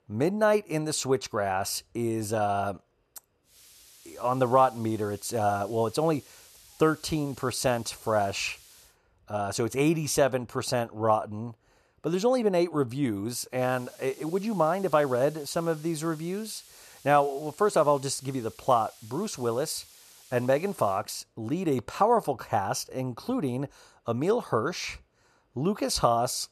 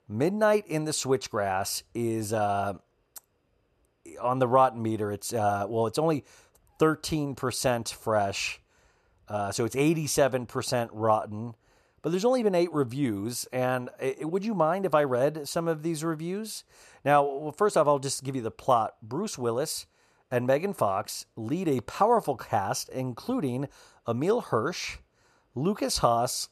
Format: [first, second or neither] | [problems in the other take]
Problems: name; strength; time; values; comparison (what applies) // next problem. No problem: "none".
second | hiss; faint; from 3.5 to 9 s and from 14 to 21 s; 25 dB below the speech